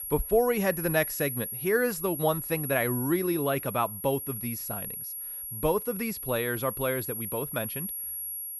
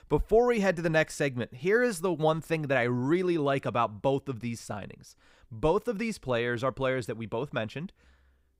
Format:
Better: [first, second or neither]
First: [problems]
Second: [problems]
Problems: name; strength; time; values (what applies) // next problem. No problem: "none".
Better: second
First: high-pitched whine; loud; throughout; 11.5 kHz, 5 dB below the speech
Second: none